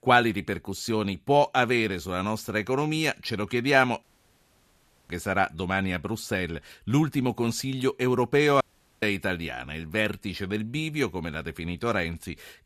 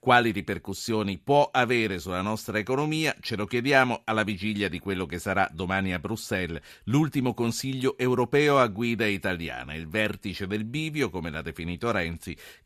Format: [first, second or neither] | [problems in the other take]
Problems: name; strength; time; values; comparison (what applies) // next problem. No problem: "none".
second | audio cutting out; at 4 s for 1 s and at 8.5 s